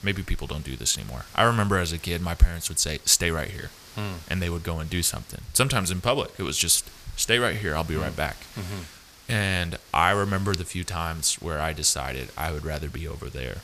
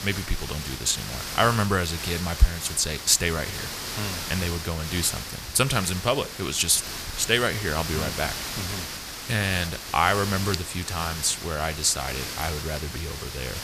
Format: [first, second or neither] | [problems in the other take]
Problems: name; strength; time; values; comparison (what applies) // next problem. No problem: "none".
first | hiss; loud; throughout; 7 dB below the speech; faint in the first